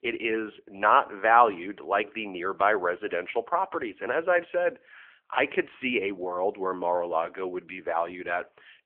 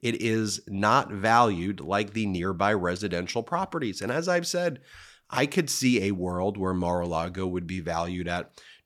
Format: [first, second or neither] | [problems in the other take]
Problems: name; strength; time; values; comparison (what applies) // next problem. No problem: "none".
second | phone-call audio